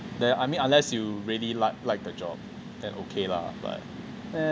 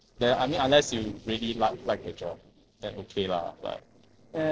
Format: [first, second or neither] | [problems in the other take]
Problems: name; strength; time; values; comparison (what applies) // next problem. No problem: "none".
first | noise reduction (neural separator model SepFormer DNS4)